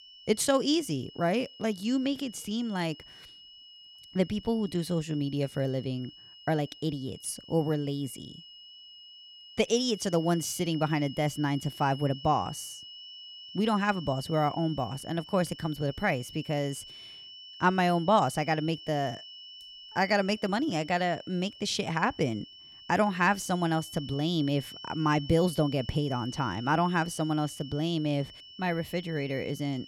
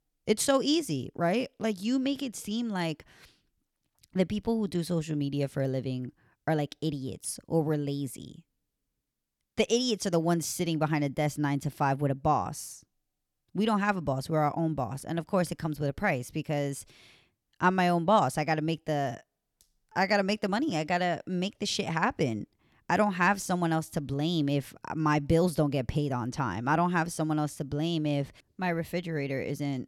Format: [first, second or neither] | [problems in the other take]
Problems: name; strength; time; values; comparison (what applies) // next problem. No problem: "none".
second | high-pitched whine; noticeable; throughout; 3 kHz, 15 dB below the speech